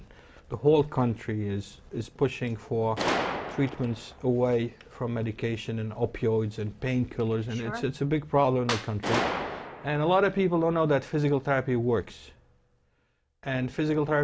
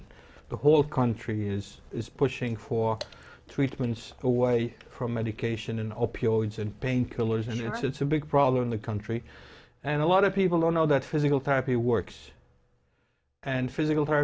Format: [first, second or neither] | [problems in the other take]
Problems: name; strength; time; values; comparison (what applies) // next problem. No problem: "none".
second | background sound (Gunshot, gunfire + Clapping); 11 dB below the speech